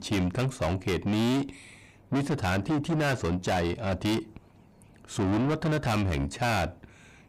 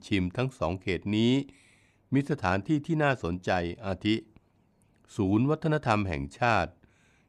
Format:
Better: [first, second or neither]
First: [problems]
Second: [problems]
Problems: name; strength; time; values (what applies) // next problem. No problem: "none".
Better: second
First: distortion; heavy; 6 dB below the speech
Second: none